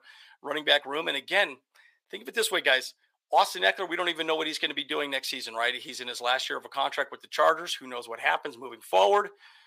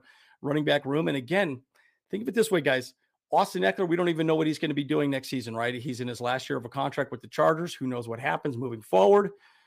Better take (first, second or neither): second